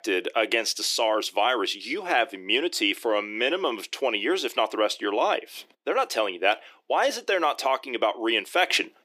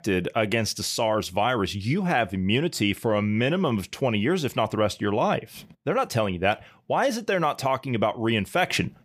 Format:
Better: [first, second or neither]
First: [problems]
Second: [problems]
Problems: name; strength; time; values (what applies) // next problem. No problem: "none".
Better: second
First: thin; very; fading below 300 Hz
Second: none